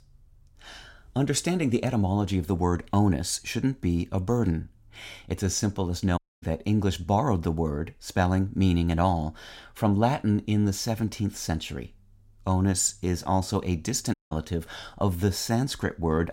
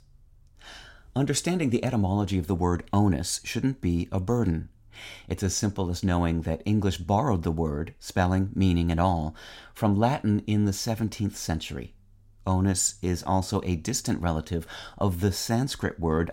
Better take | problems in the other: second | audio cutting out; at 6 s and at 14 s

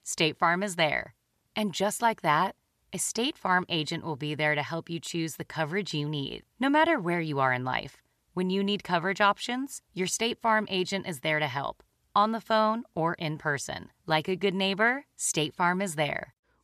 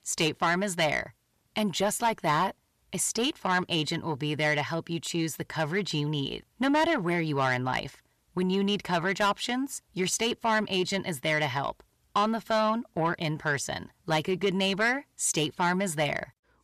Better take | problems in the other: first | distortion; slight; 10 dB below the speech

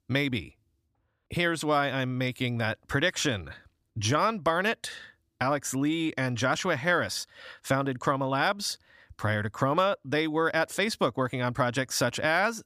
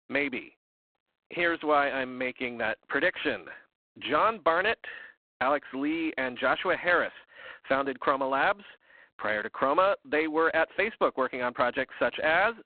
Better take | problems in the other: first | phone-call audio; poor line; nothing above 3.5 kHz

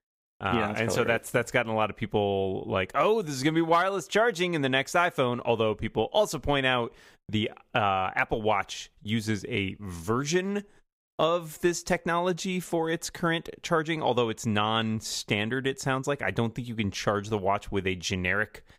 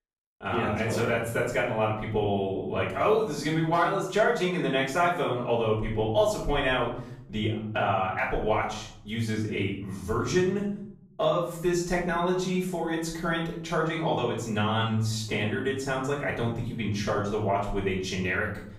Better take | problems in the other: first | off-mic speech; far // room echo; noticeable; dies away in 0.8 s

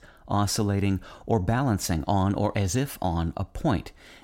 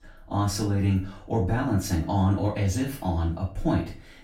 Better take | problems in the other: first | off-mic speech; far // room echo; slight; dies away in 0.3 s

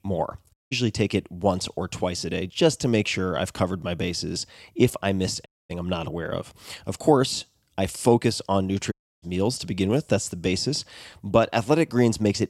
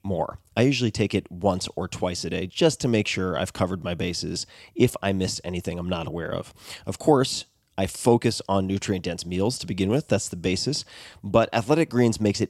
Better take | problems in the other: second | audio cutting out; at 0.5 s, at 5.5 s and at 9 s

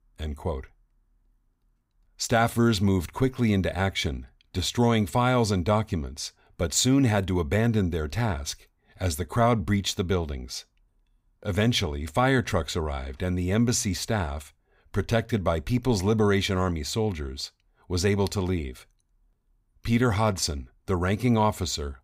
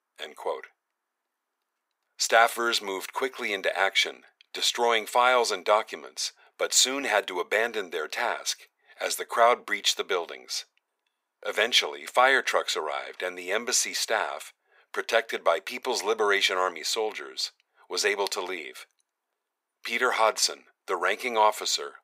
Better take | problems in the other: first | thin; very; fading below 450 Hz

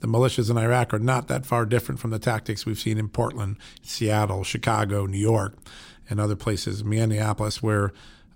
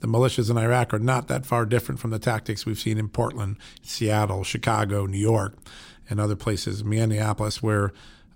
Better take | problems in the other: neither | none

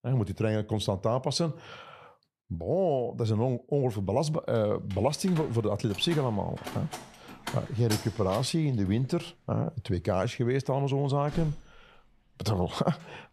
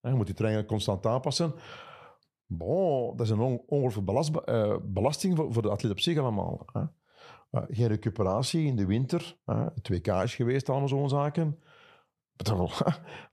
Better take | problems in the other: second | door banging; noticeable; from 5 to 12 s; peak 7 dB below the speech

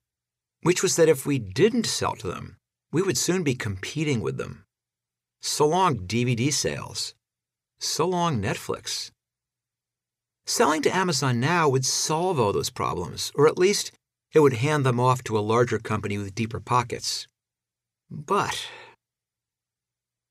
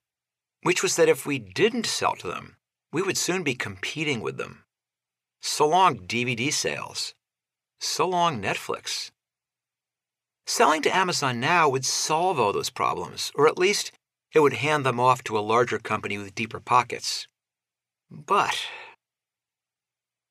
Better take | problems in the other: first | thin; somewhat; fading below 450 Hz

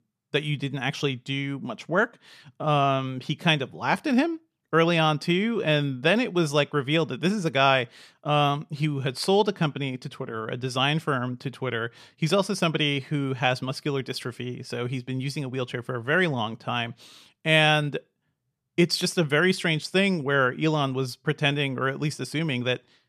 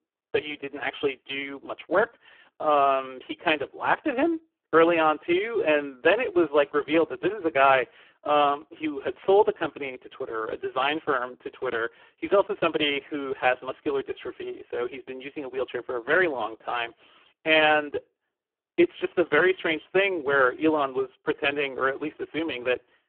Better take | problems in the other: first | phone-call audio; poor line; nothing above 3 kHz

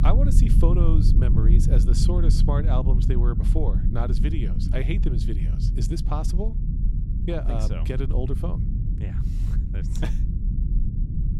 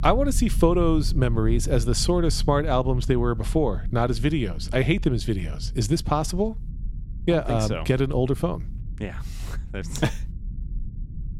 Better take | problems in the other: second | low rumble; loud; throughout; 4 dB below the speech; faint in the second

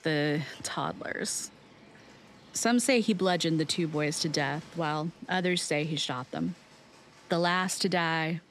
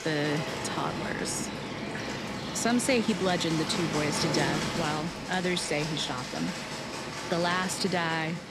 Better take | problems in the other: first | animal sounds; loud; throughout; 4 dB below the speech; faint in the first

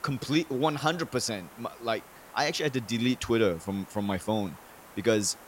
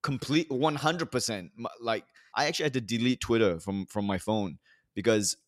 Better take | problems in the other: second | hiss; faint; throughout; 20 dB below the speech

